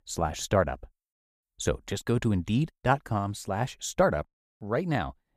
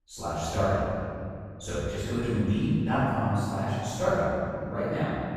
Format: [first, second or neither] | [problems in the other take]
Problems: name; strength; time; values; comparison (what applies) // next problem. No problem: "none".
first | off-mic speech; far // room echo; strong; dies away in 2.3 s